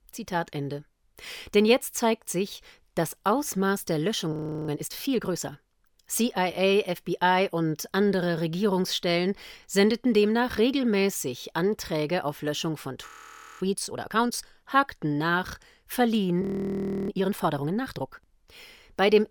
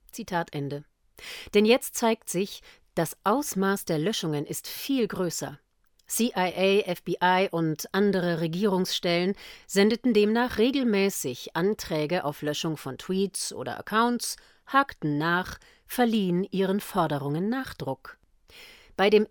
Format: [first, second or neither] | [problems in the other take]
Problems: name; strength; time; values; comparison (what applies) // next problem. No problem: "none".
second | audio freezing; at 4.5 s, at 13 s for 0.5 s and at 16 s for 0.5 s